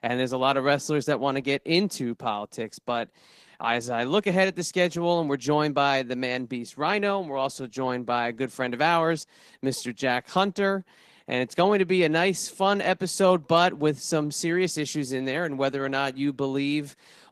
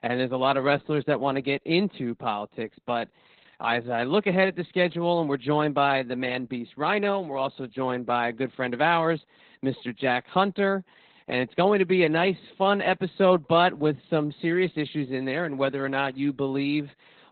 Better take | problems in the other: first | garbled, watery; badly; nothing above 4 kHz; slightly in the first

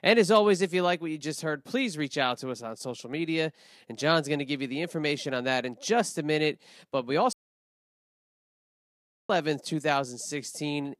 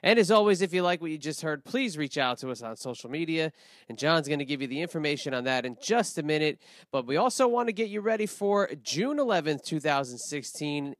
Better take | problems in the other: second | audio cutting out; at 7.5 s for 2 s

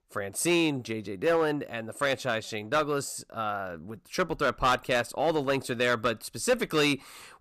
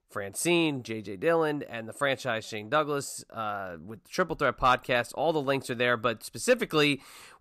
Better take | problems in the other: second | distortion; slight; 4% of the sound clipped

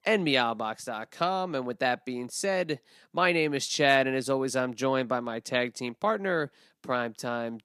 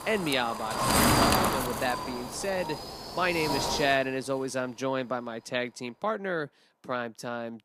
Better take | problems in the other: first | wind noise on the microphone; heavy; 2 dB above the speech

